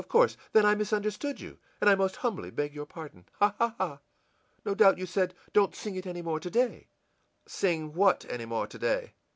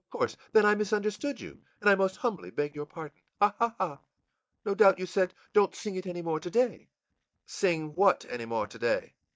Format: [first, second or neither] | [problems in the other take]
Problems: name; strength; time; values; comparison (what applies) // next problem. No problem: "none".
first | noise reduction (neural mask model DeepFilterNet 3)